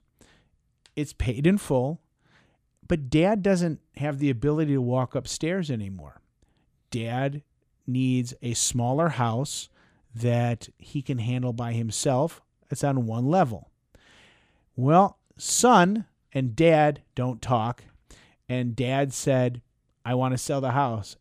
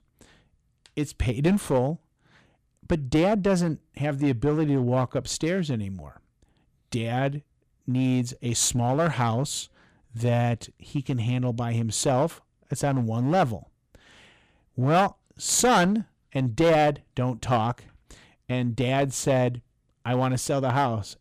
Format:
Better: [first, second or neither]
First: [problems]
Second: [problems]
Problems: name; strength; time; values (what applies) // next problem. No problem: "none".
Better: first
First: none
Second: distortion; slight; 5% of the sound clipped